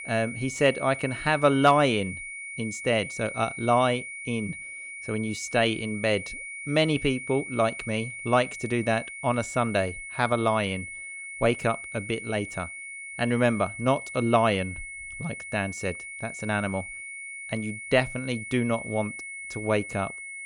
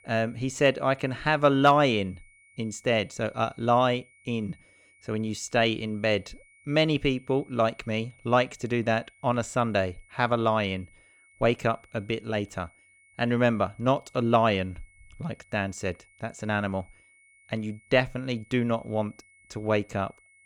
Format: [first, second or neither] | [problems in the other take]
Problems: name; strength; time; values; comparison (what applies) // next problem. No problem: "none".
second | high-pitched whine; loud; throughout; 2 kHz, 9 dB below the speech; faint in the second